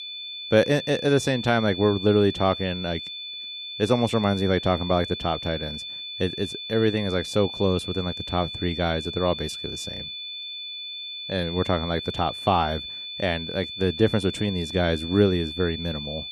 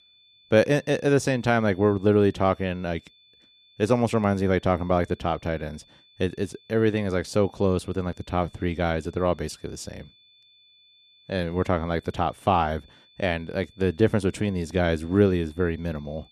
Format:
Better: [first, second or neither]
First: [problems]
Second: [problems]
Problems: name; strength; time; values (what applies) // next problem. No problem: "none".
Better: second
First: high-pitched whine; loud; throughout; 3.5 kHz, 8 dB below the speech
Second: high-pitched whine; faint; throughout; 3.5 kHz, 30 dB below the speech